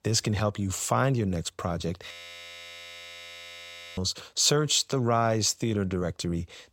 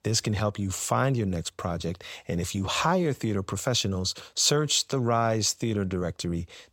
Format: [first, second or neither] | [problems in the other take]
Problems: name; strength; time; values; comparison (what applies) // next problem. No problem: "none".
second | audio freezing; at 2 s for 2 s